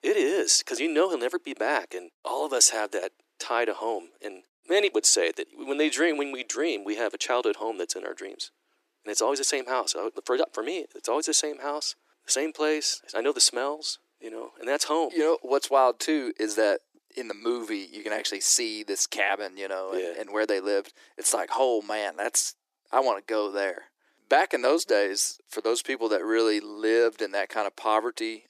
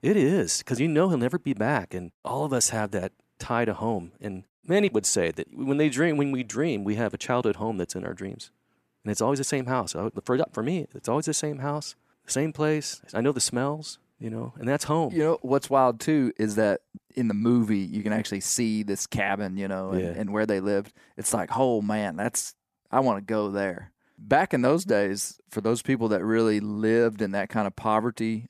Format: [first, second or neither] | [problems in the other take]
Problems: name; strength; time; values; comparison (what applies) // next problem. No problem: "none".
second | thin; very; fading below 300 Hz